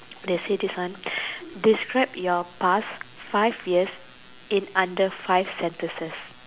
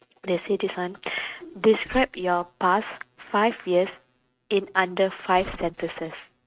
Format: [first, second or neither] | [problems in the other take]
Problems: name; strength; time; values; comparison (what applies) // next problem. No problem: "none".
first | noise reduction (neural mask model RNNoise)